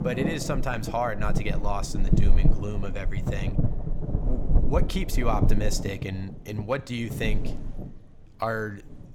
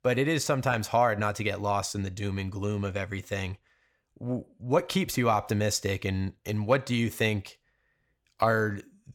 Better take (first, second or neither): second